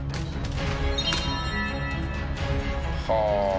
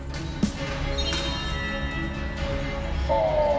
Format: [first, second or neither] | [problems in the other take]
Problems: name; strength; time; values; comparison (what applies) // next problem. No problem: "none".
first | background sound (Snare drum); 10 dB below the speech // room echo; dies away in 2.7 s